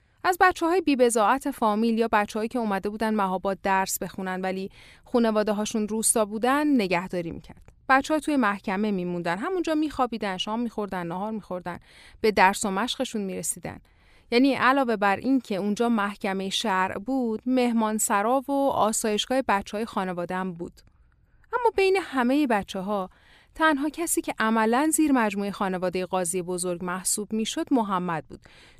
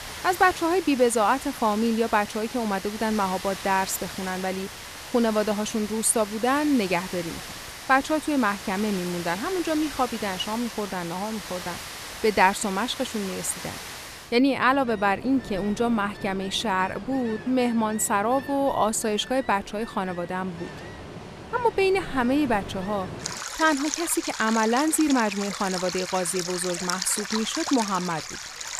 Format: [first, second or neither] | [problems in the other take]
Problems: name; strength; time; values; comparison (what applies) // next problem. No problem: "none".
first | rain or running water; noticeable; throughout; 10 dB below the speech